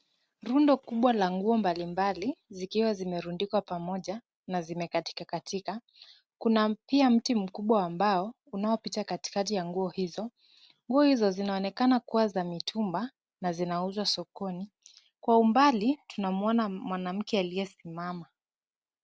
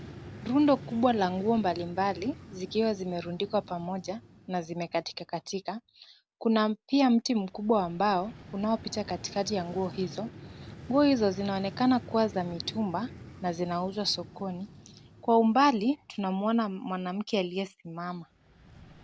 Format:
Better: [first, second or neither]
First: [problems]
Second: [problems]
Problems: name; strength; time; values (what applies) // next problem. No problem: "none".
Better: first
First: none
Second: background sound (Vehicle); 18 dB below the speech